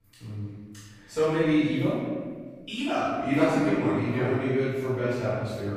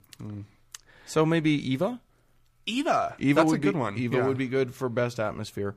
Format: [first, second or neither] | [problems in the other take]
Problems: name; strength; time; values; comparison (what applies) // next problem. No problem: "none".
second | off-mic speech; far // room echo; strong; dies away in 1.5 s